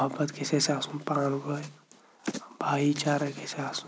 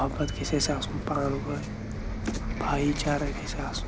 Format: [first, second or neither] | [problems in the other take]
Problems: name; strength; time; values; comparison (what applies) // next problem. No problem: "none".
first | background sound (Bus); 3 dB below the speech